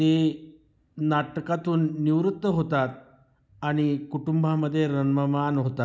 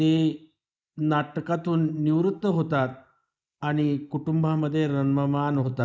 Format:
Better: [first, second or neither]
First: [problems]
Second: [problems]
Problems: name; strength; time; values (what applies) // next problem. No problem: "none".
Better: first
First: none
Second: noise reduction (neural mask model Resemble Enhance denoiser)